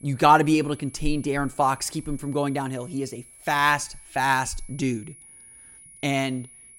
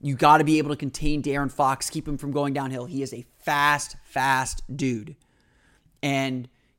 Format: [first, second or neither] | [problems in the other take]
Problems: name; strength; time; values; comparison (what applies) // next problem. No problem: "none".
second | high-pitched whine; faint; throughout; 10.5 kHz, 20 dB below the speech